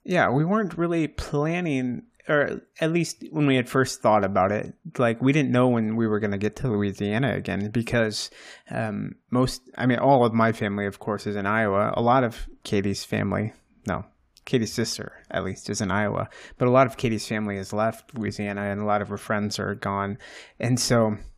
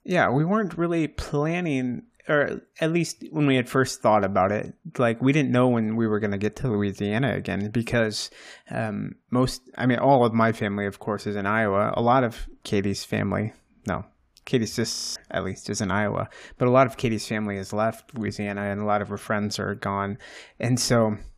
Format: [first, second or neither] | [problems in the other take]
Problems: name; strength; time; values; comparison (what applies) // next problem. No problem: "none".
first | audio freezing; at 15 s